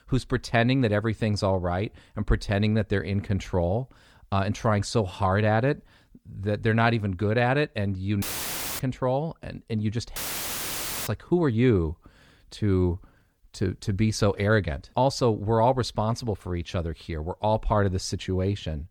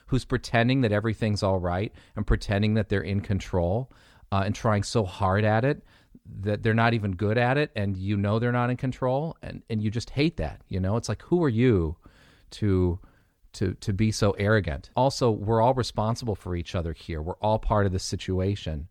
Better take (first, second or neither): second